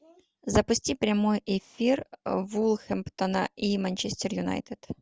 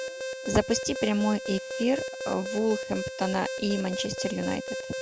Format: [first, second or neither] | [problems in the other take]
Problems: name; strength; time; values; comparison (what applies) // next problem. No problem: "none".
first | background sound (Alarm); 6 dB below the speech